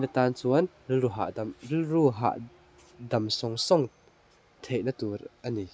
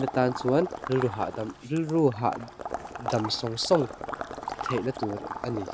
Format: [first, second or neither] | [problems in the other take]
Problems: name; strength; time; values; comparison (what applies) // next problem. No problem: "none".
first | background sound (Water / Liquid); 8 dB below the speech